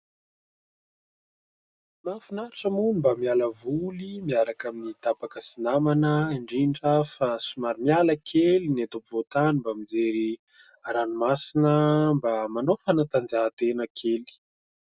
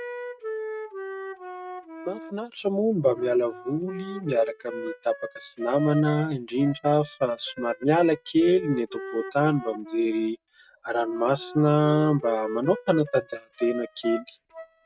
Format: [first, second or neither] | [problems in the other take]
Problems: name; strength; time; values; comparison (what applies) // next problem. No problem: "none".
first | noise reduction (neural mask model RNNoise)